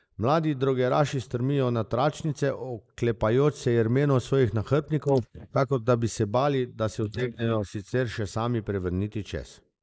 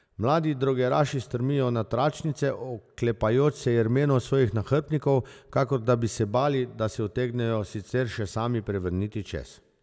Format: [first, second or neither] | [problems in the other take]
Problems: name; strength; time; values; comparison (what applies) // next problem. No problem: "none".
second | noise reduction (neural mask model Resemble Enhance denoiser)